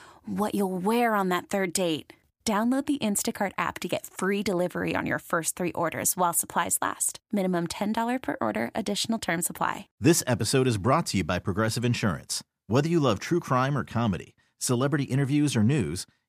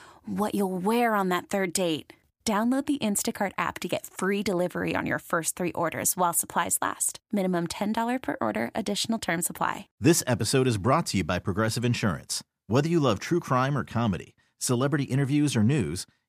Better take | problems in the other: neither | none

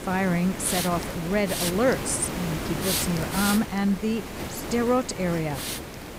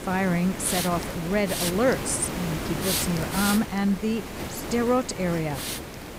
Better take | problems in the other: neither | hiss; loud; throughout; 4 dB below the speech; the same in both

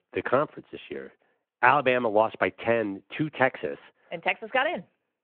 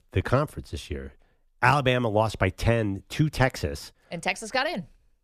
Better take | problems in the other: second | phone-call audio

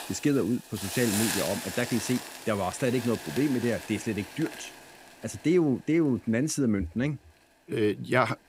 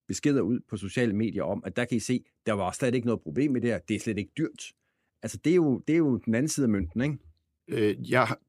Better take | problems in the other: second | hiss; loud; throughout; 8 dB below the speech

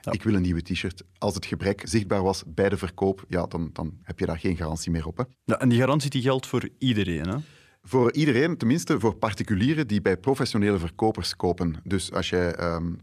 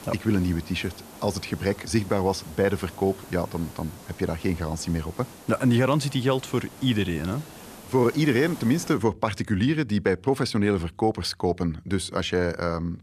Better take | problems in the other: first | hiss; noticeable; until 9 s; 20 dB below the speech

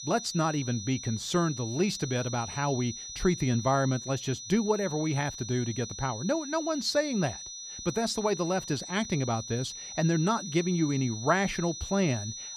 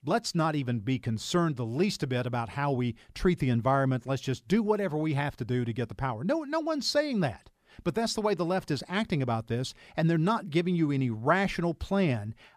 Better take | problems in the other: second | high-pitched whine; loud; throughout; 6 kHz, 9 dB below the speech

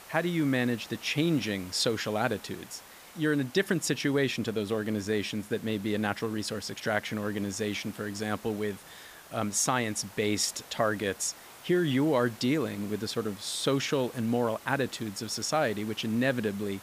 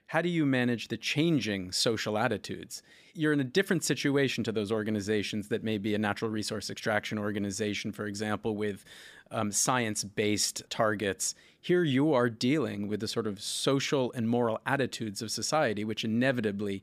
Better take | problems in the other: second | hiss; noticeable; throughout; 20 dB below the speech

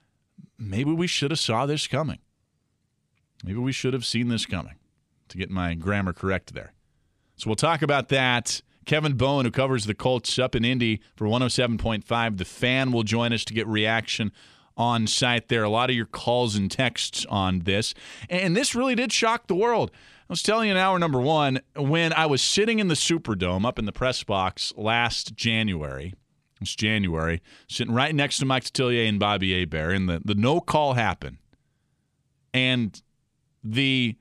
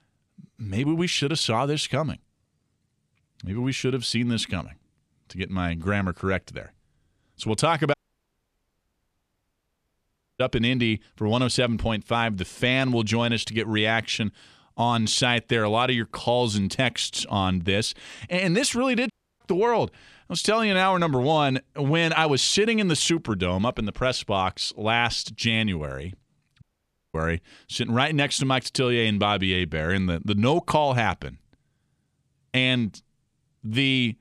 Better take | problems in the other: first | audio cutting out; at 8 s for 2.5 s, at 19 s and at 27 s for 0.5 s

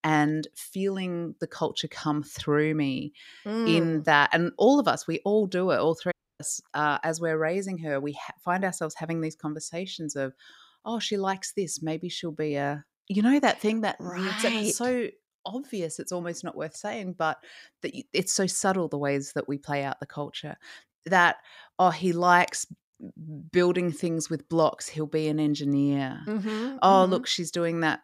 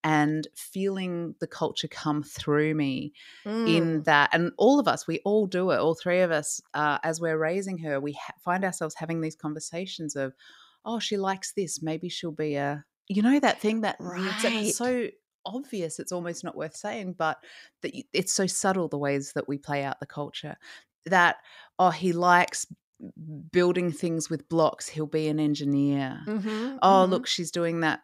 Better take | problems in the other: second | audio cutting out; at 6 s

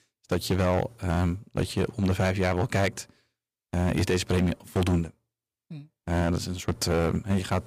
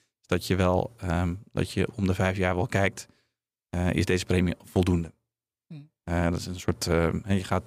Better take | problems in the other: second | distortion; slight; 8% of the sound clipped

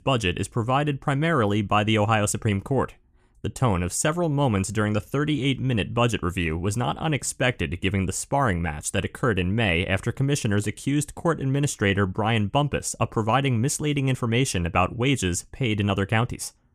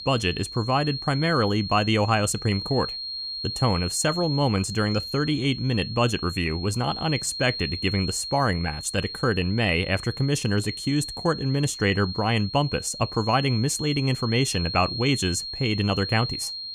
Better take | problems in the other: first | high-pitched whine; loud; throughout; 4 kHz, 7 dB below the speech

